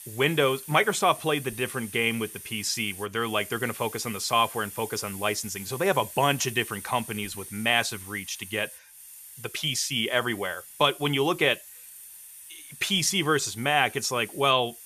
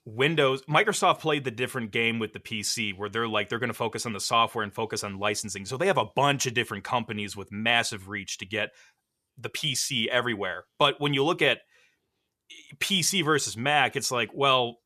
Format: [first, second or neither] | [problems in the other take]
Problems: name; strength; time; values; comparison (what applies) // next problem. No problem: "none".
second | hiss; noticeable; throughout; 15 dB below the speech